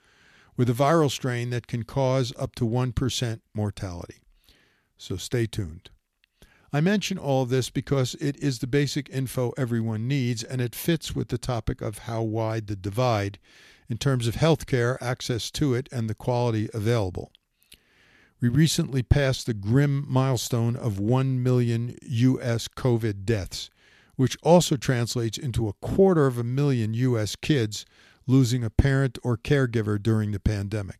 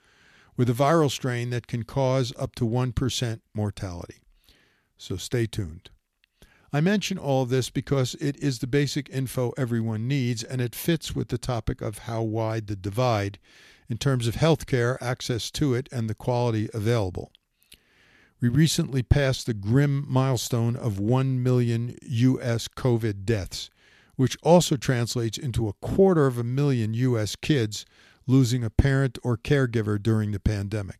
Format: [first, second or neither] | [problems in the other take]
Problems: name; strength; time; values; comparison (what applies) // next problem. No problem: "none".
neither | none